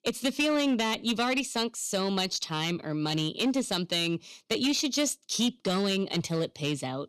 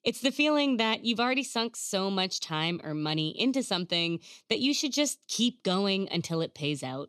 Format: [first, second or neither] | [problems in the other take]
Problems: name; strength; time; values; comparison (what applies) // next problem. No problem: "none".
second | distortion; slight; 8% of the sound clipped